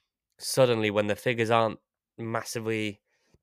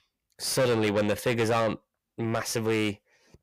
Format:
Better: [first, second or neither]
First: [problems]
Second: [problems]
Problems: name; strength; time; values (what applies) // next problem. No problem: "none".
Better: first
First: none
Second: distortion; heavy; 5 dB below the speech